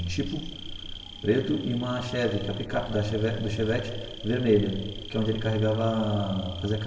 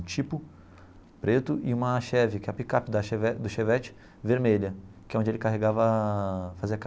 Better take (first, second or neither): second